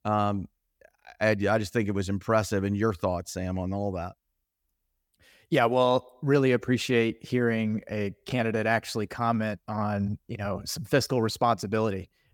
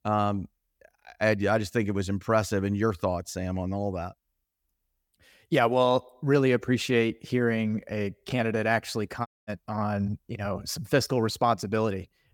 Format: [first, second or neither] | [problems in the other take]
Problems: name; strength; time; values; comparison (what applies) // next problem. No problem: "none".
first | audio cutting out; at 9.5 s